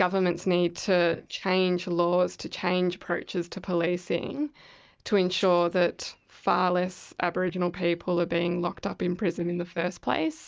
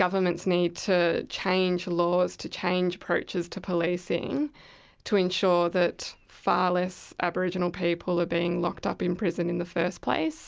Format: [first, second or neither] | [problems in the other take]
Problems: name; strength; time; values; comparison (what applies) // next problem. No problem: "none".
second | noise reduction (neural mask model DeepFilterNet 3)